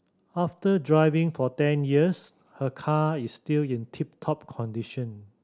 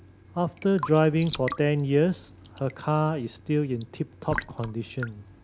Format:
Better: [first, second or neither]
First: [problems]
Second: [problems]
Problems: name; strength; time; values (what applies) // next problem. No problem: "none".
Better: first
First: none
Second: background sound (Raindrop / Drip / Trickle, dribble); 14 dB below the speech